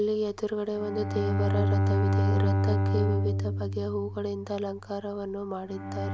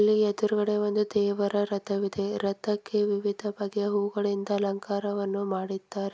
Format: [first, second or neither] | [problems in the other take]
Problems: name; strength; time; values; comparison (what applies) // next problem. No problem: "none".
second | background sound (Bowed string instrument); 4 dB above the speech